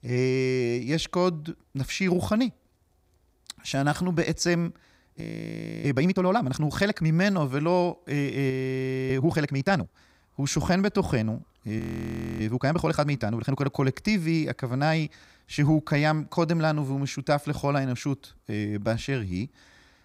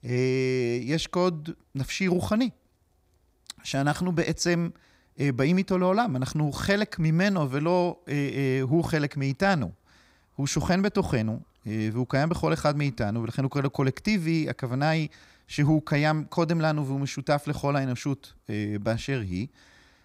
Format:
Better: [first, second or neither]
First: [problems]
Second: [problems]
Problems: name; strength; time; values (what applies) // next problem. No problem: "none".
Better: second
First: audio freezing; at 5 s for 0.5 s, at 8.5 s for 0.5 s and at 12 s for 0.5 s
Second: none